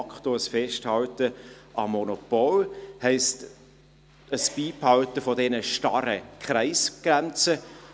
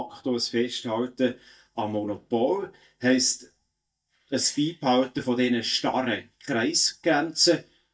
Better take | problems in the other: first | noise reduction (neural mask model DeepFilterNet 3)

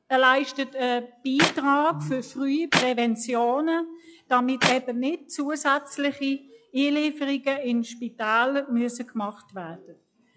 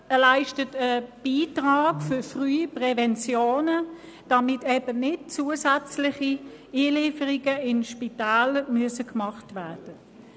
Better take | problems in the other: second | noise reduction (classical method log-MMSE)

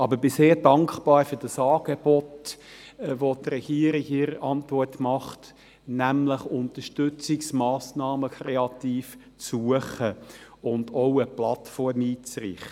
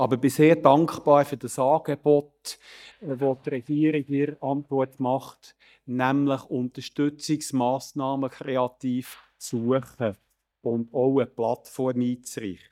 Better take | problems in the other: first | noise reduction (neural mask model DeepFilterNet 3)

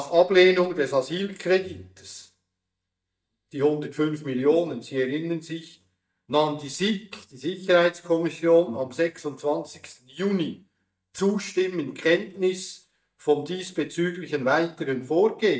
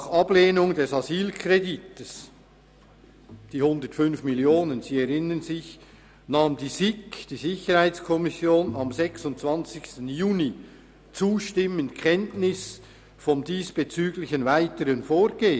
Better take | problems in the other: second | noise reduction (neural mask model DeepFilterNet 3)

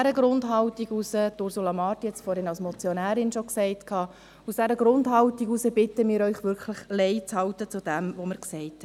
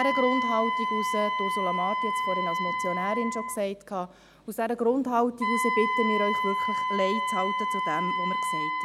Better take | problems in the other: first | background sound (Wind instrument, woodwind instrument); 1 dB above the speech

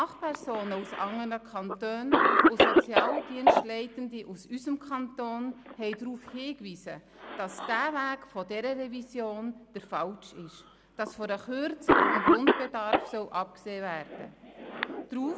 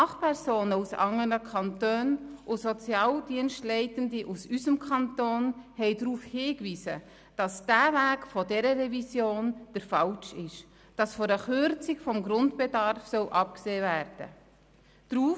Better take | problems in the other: second | background sound (Cough); 4 dB above the speech

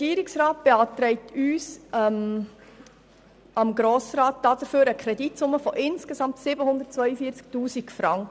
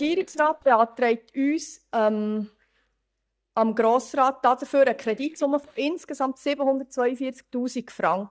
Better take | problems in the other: first | noise reduction (neural mask model DeepFilterNet 3)

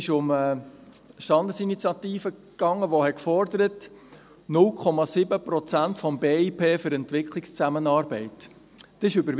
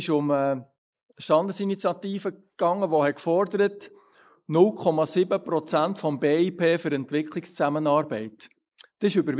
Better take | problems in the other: first | noise reduction (neural mask model Resemble Enhance denoiser)

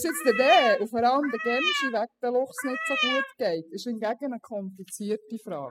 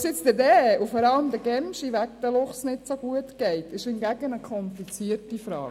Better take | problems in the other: second | noise reduction (classical method spectral subtraction)

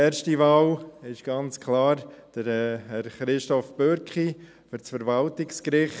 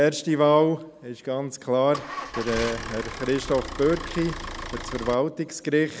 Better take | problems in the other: first | background sound (Idling / Engine starting / Motor vehicle (road)); 9 dB below the speech

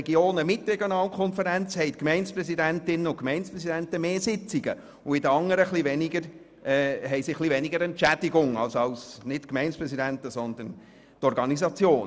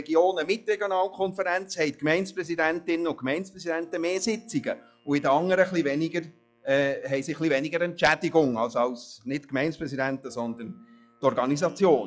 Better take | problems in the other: first | noise reduction (classical method log-MMSE)

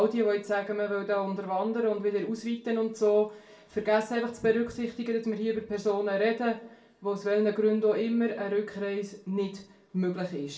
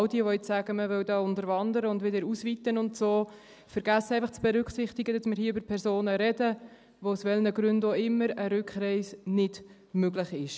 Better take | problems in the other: second | room echo; dies away in 0.3 s

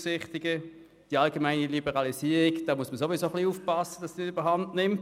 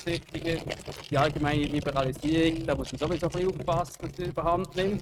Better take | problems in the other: first | noise reduction (neural mask model RNNoise)

